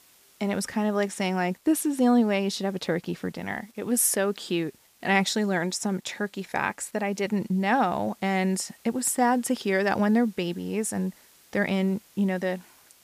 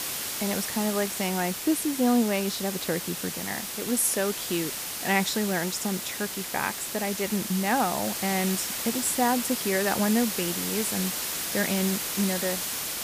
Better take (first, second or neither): first